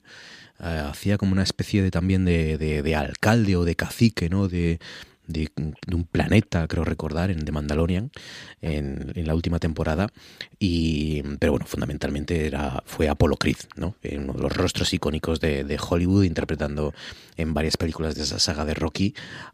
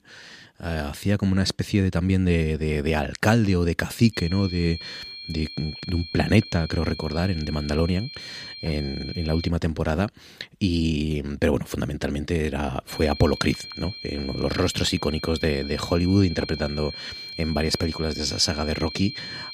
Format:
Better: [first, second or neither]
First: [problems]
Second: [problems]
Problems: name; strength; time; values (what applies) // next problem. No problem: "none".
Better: first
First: none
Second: high-pitched whine; noticeable; from 4 to 9.5 s and from 13 s on; 4 kHz, 10 dB below the speech